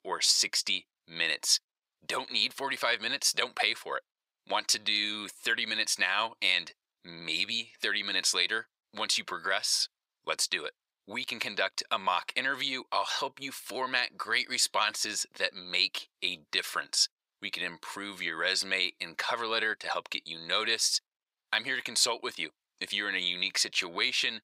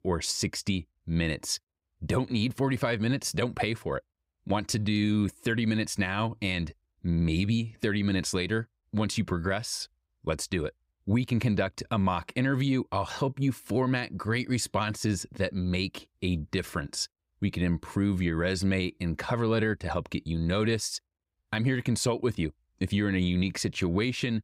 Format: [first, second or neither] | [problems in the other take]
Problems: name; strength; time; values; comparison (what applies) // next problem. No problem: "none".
second | thin; very; fading below 850 Hz